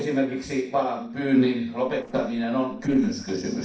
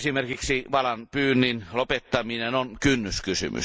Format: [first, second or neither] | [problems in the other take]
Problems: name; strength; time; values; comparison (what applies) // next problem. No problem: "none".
second | noise reduction (neural separator model SepFormer DNS4)